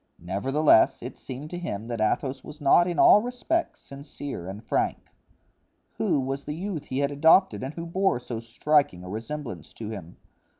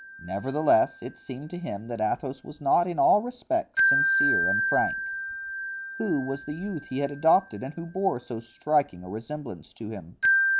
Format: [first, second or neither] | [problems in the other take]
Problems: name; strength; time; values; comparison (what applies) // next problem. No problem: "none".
first | background sound (Wind chime); 3 dB below the speech